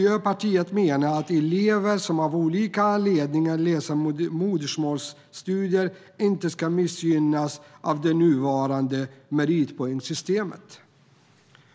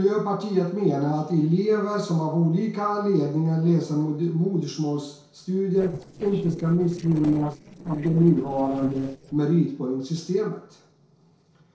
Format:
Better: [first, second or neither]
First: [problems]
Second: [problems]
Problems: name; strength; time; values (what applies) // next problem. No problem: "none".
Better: first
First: none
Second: noise reduction (neural separator model SepFormer DNS4)